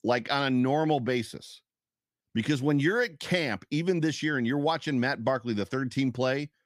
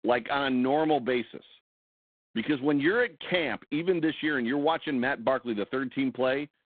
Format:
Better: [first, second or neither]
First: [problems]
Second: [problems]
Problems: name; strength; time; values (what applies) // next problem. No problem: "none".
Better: first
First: none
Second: phone-call audio; poor line